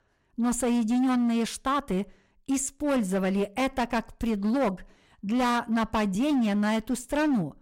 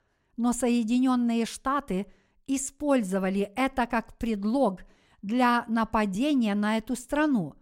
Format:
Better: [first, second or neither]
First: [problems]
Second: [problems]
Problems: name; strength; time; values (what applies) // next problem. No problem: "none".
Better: second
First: distortion; slight; 16% of the sound clipped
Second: none